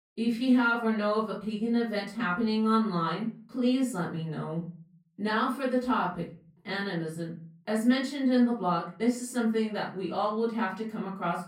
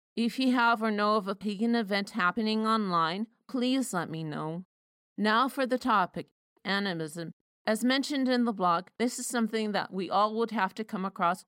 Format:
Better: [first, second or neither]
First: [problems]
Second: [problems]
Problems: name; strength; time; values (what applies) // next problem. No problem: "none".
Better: second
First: off-mic speech; far // room echo; slight; dies away in 0.5 s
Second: none